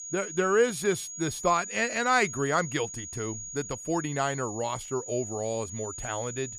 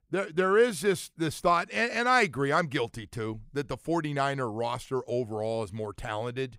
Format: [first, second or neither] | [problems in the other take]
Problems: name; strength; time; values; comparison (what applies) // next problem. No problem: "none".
second | high-pitched whine; loud; throughout; 7 kHz, 9 dB below the speech